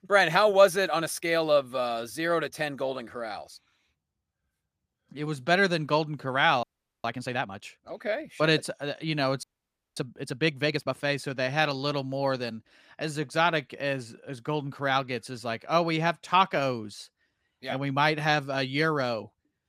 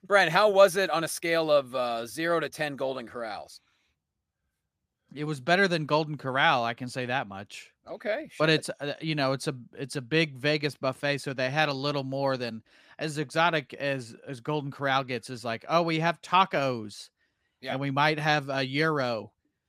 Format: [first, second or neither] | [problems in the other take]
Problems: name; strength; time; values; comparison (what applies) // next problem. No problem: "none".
second | audio freezing; at 6.5 s and at 9.5 s for 0.5 s